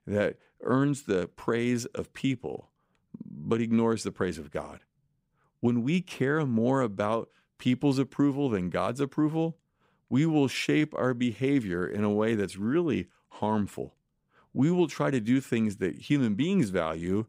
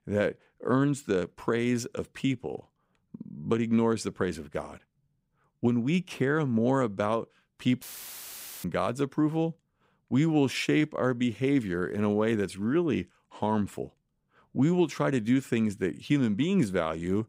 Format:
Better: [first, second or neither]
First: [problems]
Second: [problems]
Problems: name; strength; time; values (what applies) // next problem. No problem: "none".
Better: first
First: none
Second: audio cutting out; filled with static; at 8 s for 1 s